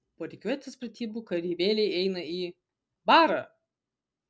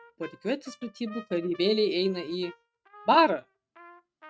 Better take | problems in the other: first | noise reduction (neural mask model RNNoise)

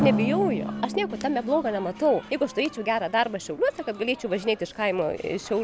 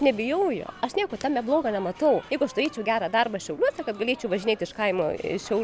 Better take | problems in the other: second | background sound (Drum); 8 dB below the speech

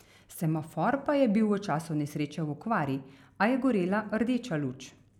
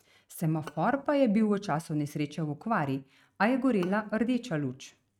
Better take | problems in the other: first | noise reduction (neural mask model RNNoise)

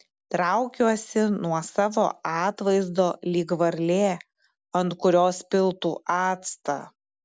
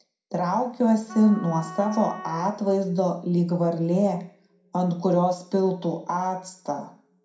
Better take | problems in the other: first | background sound (Wind instrument, woodwind instrument); 16 dB below the speech // room echo; dies away in 0.5 s

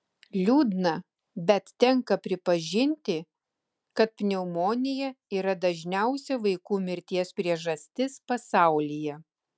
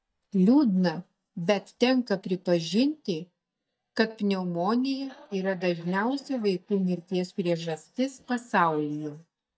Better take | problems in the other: first | noise reduction (neural mask model DeepFilterNet 3)

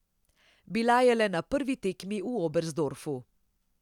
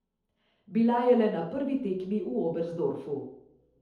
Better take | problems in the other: first | room echo; dies away in 2.1 s

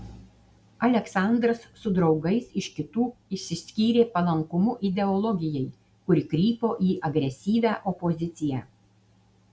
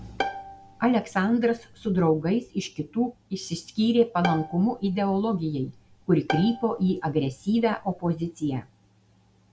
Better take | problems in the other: first | background sound (Bowed string instrument); 11 dB below the speech

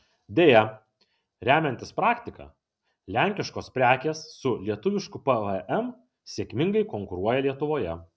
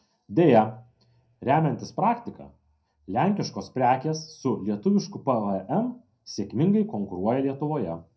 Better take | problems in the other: first | room echo; dies away in 0.2 s

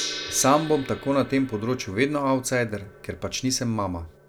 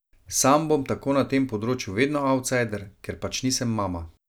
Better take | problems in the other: second | background sound (Gong); 14 dB below the speech

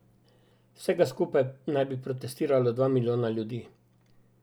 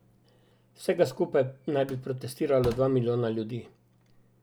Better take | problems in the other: first | background sound (Slam); 16 dB below the speech

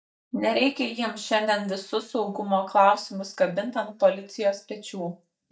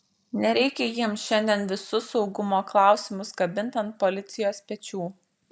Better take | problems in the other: second | noise reduction (neural mask model DeepFilterNet 3)

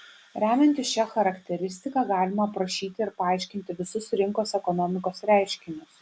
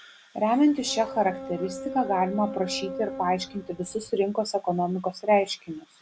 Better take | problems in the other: first | background sound (Boat, Water vehicle); 11 dB below the speech

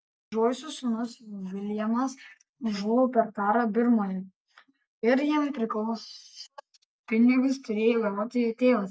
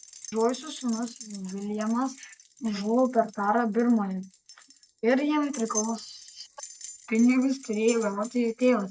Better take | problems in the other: first | background sound (Keys jangling); 17 dB below the speech

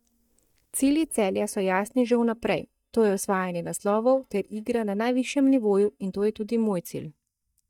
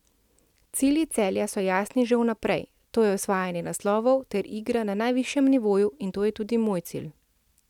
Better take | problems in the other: second | noise reduction (neural mask model DeepFilterNet 3)

